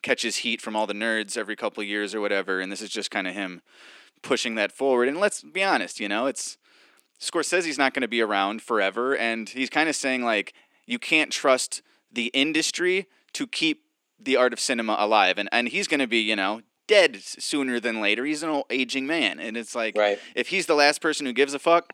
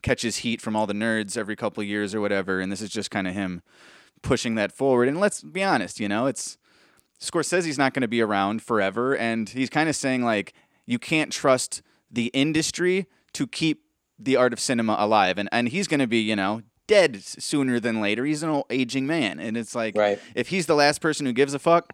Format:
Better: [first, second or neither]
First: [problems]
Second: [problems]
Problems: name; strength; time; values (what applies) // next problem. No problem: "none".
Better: second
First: thin; very slightly; fading below 250 Hz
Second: none